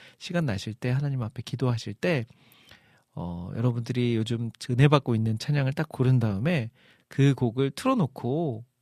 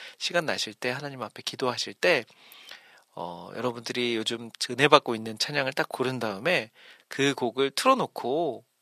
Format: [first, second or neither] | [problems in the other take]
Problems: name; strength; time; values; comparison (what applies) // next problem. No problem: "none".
first | thin; very; fading below 500 Hz